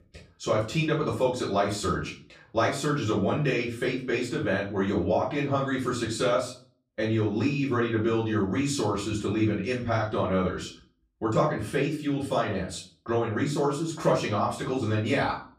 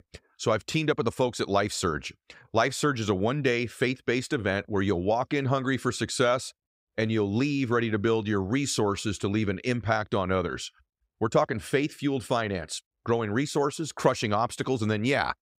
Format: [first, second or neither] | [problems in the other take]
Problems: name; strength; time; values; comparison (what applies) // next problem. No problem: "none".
second | room echo; slight; dies away in 0.4 s // off-mic speech; far